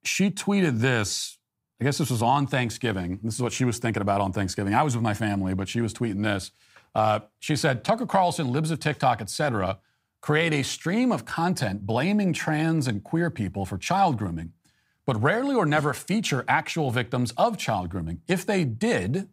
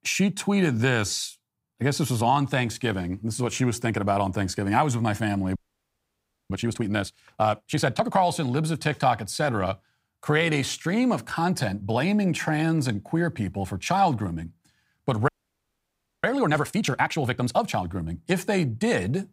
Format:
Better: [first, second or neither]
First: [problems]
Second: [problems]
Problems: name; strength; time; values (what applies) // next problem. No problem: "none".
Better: first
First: none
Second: audio freezing; at 5.5 s for 1 s and at 15 s for 1 s